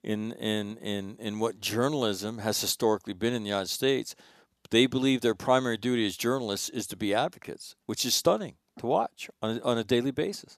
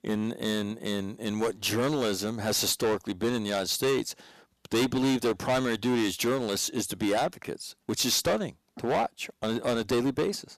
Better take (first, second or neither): first